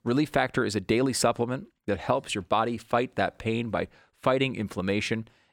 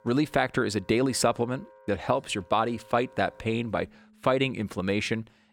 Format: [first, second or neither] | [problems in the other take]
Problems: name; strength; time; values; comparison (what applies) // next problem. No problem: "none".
first | background music; faint; throughout; 25 dB below the speech